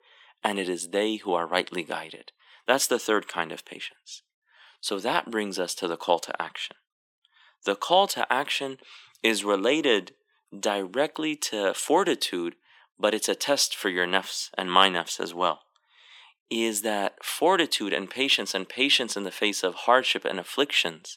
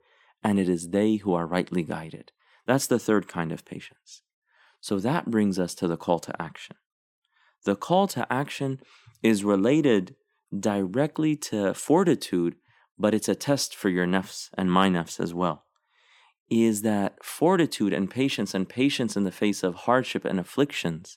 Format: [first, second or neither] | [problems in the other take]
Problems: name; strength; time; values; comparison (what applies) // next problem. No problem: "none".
second | thin; somewhat; fading below 500 Hz